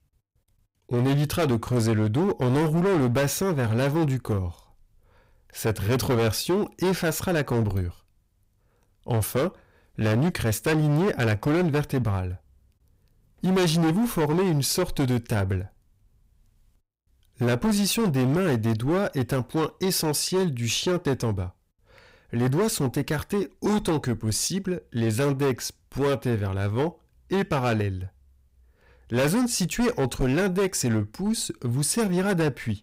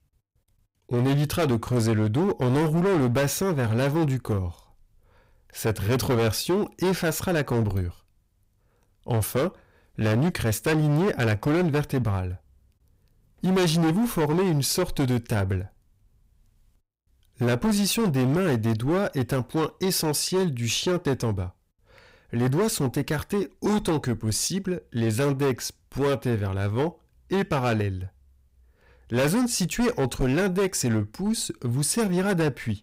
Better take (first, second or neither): neither